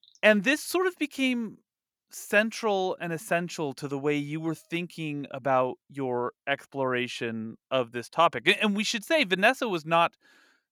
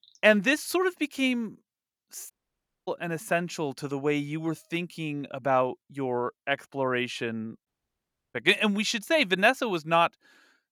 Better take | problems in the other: first | audio cutting out; at 2.5 s for 0.5 s and at 7.5 s for 0.5 s

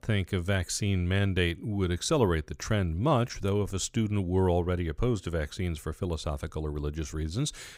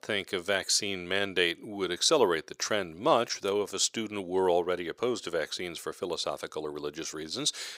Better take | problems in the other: first | thin; very; fading below 450 Hz

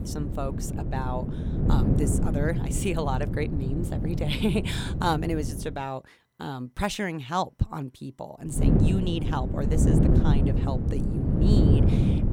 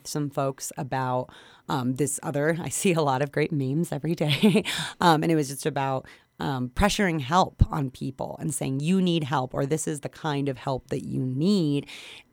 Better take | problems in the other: second | wind noise on the microphone; heavy; until 5.5 s and from 8.5 s on; 2 dB below the speech

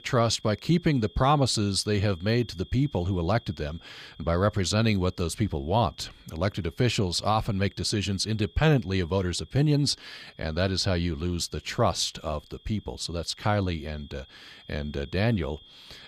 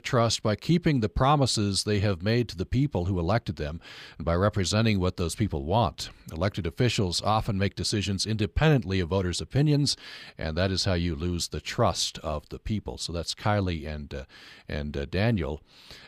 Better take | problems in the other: second | high-pitched whine; faint; throughout; 3.5 kHz, 25 dB below the speech

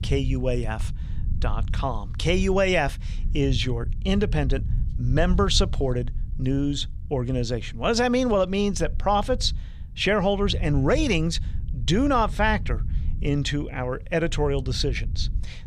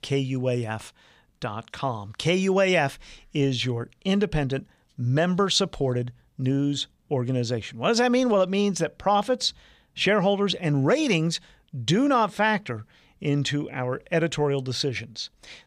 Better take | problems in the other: second | low rumble; faint; throughout; 20 dB below the speech

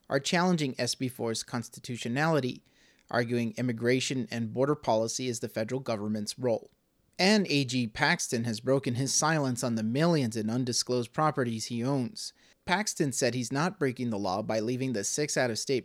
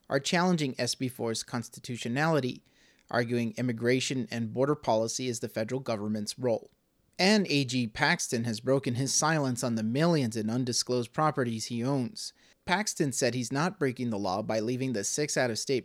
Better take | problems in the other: neither | none

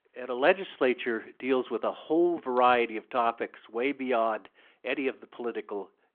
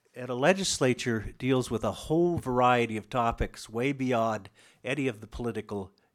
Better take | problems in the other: second | phone-call audio

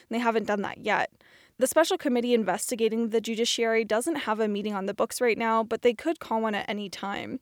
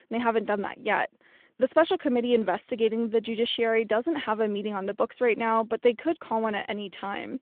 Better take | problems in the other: first | phone-call audio

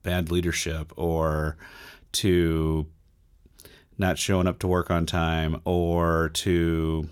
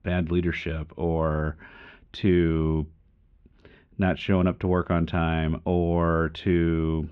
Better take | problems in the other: first | muffled; very; fading above 2.5 kHz

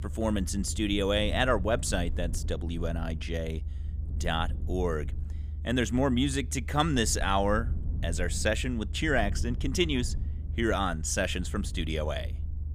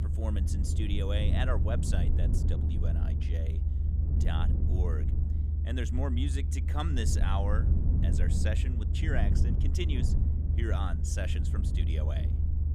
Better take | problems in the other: first | low rumble; loud; throughout; 5 dB below the speech; faint in the first

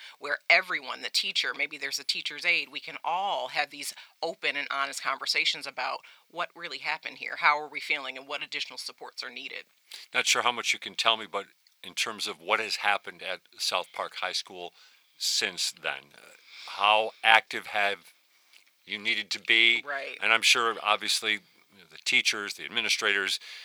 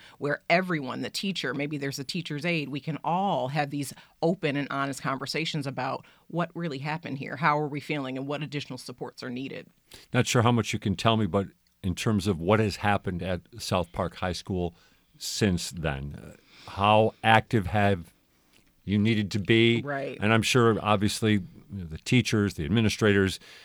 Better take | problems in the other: second | thin; very; fading below 800 Hz

